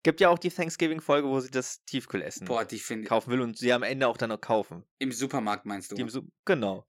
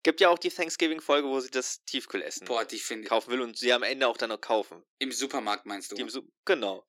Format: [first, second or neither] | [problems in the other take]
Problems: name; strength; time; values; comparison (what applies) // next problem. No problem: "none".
first | thin; very slightly; fading below 300 Hz